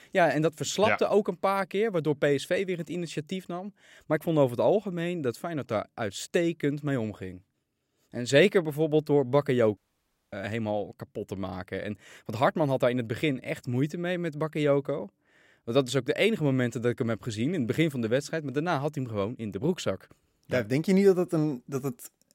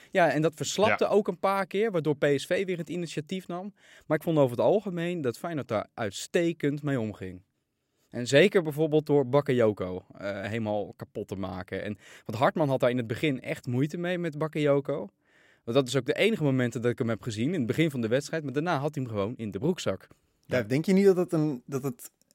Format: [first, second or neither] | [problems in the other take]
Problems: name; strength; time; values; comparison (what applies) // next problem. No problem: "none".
second | audio cutting out; at 10 s for 0.5 s